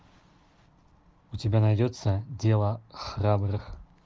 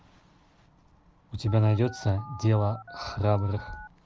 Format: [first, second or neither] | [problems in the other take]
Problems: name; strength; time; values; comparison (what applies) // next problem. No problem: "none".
first | background sound (Telephone); 16 dB below the speech